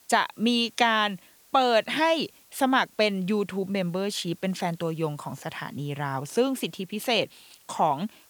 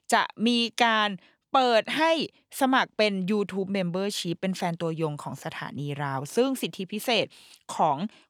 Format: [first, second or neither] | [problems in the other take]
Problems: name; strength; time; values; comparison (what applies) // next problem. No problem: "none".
second | hiss; faint; throughout; 30 dB below the speech